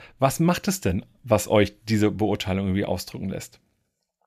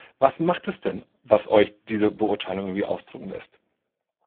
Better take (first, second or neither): first